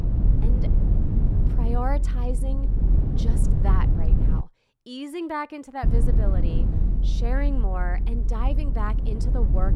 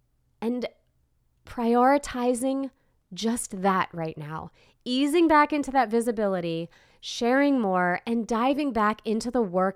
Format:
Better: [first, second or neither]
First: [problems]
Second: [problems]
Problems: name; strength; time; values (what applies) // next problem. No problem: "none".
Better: second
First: low rumble; loud; until 4.5 s and from 6 s on; 5 dB below the speech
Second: none